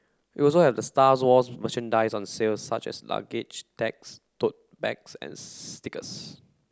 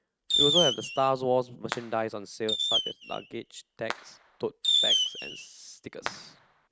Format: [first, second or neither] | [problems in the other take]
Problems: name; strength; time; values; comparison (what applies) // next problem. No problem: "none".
first | noise reduction (neural mask model RNNoise)